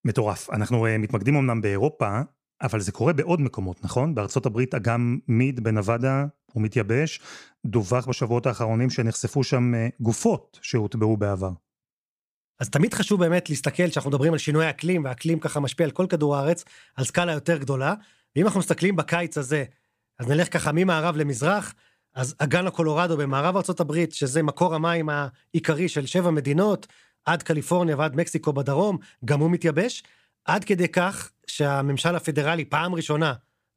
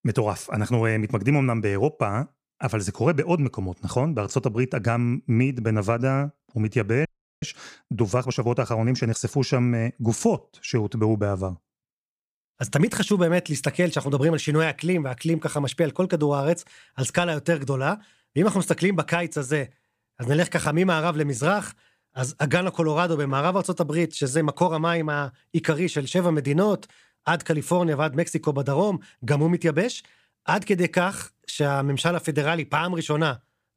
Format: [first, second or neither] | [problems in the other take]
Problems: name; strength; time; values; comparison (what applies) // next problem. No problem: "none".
first | audio freezing; at 7 s